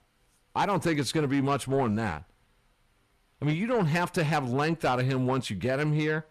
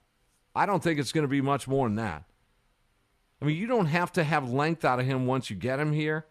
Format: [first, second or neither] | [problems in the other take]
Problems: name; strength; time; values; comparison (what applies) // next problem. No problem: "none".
second | distortion; slight; 10 dB below the speech